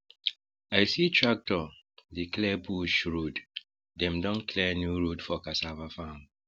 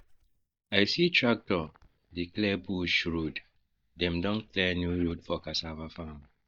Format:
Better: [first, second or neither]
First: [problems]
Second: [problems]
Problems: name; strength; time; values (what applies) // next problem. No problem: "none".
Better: first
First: none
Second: noise reduction (neural mask model DeepFilterNet 3)